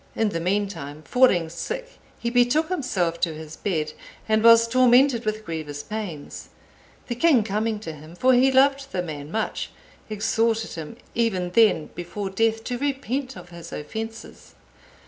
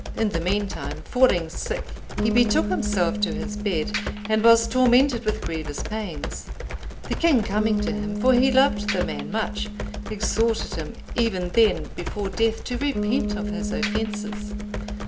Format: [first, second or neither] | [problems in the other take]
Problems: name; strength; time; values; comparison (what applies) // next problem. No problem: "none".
first | background sound (Computer keyboard + Bass guitar); 3 dB below the speech